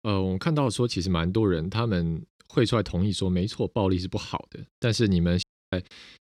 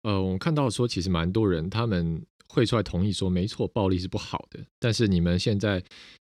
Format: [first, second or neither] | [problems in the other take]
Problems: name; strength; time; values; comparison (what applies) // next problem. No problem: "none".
second | audio cutting out; at 5.5 s